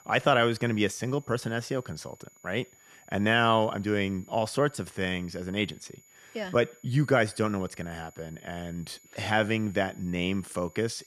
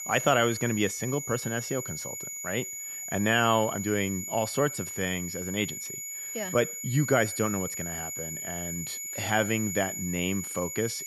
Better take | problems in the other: first | high-pitched whine; loud; throughout; 7 kHz, 5 dB below the speech; faint in the first

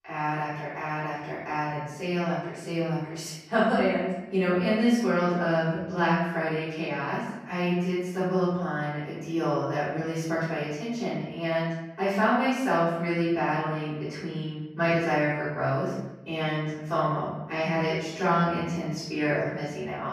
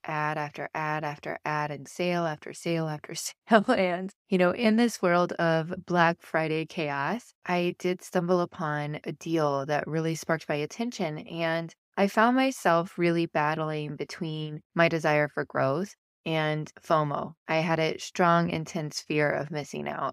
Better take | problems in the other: second | room echo; strong; dies away in 1 s // off-mic speech; far

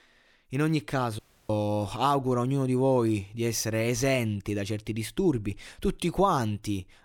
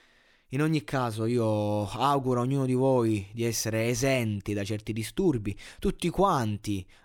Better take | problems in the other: second | audio cutting out; at 1 s

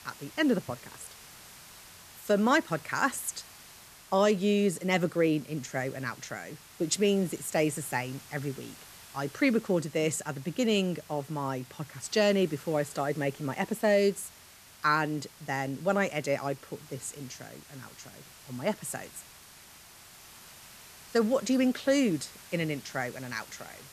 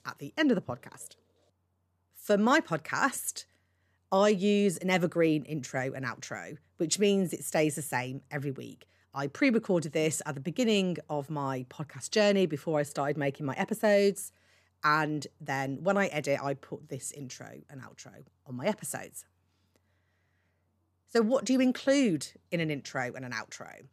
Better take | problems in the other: second | hiss; noticeable; throughout; 20 dB below the speech

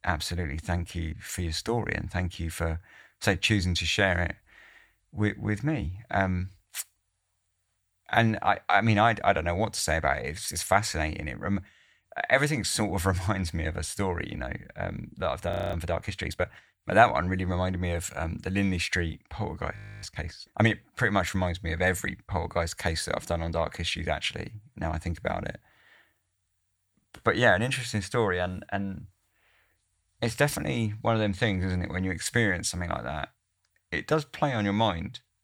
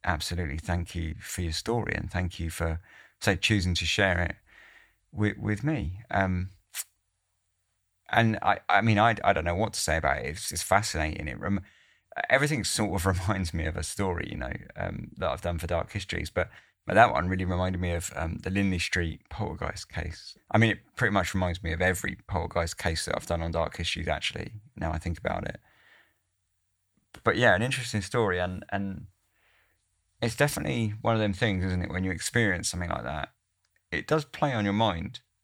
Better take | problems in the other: second | audio freezing; at 16 s and at 20 s

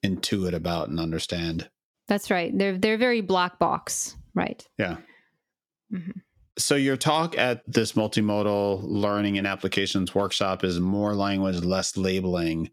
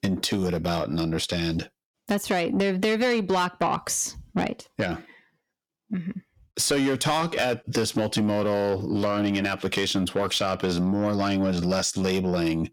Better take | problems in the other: first | distortion; slight; 10 dB below the speech

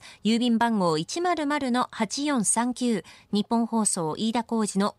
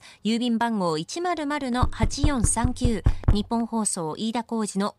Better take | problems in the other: first | door banging; loud; from 2 to 3.5 s; peak 2 dB above the speech

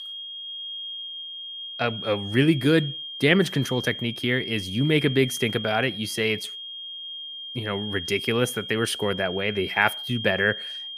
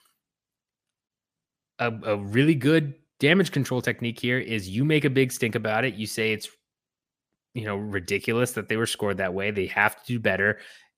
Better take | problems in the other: second | high-pitched whine; loud; throughout; 3 kHz, 8 dB below the speech

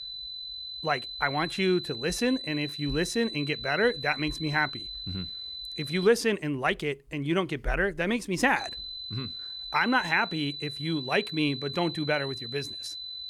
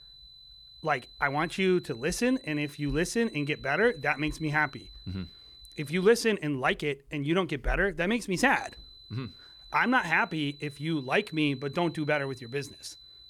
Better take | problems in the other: second | high-pitched whine; loud; until 6 s and from 8.5 s on; 4 kHz, 8 dB below the speech; faint in the second

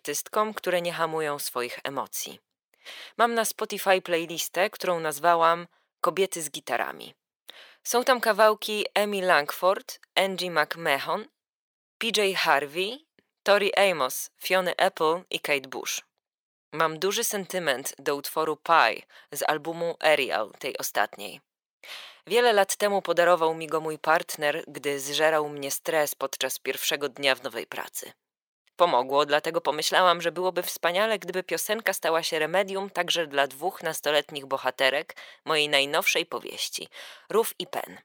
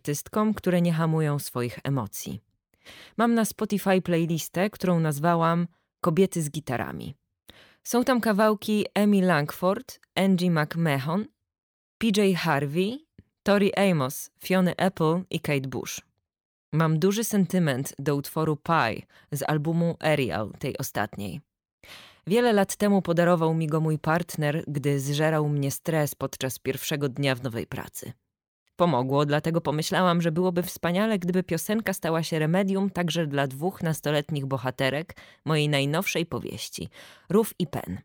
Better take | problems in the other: second | thin; very; fading below 600 Hz

